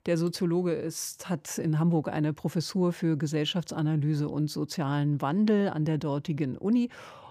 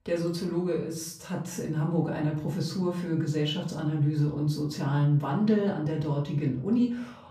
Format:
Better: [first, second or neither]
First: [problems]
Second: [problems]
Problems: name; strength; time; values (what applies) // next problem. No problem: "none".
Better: first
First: none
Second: off-mic speech; far // room echo; slight; dies away in 0.5 s